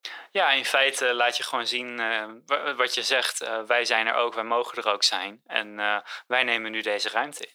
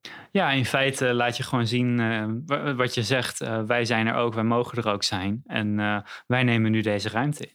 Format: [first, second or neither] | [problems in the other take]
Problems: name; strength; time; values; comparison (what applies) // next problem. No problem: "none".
second | thin; very; fading below 500 Hz